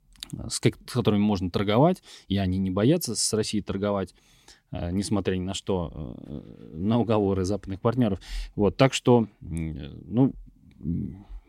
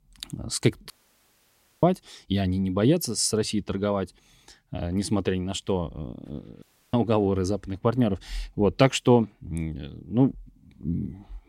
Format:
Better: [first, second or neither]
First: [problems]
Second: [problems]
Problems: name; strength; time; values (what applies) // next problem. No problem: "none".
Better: first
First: none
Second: audio cutting out; at 1 s for 1 s and at 6.5 s